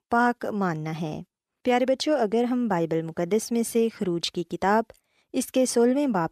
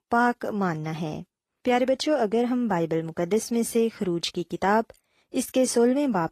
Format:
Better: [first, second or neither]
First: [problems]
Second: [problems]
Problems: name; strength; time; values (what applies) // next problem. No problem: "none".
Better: first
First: none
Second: garbled, watery; slightly; nothing above 14 kHz